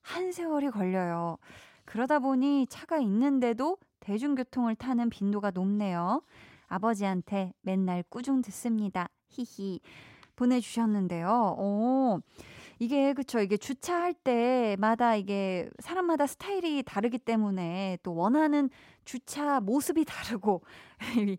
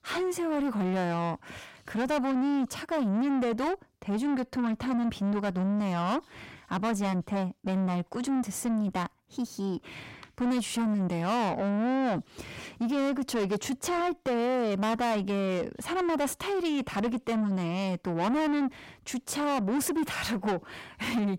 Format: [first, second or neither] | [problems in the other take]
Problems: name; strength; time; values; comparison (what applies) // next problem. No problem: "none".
first | distortion; heavy; 8 dB below the speech